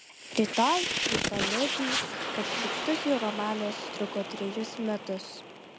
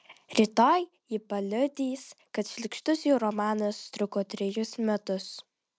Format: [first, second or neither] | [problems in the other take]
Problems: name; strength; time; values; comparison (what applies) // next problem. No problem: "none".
second | background sound (Fire); 2 dB below the speech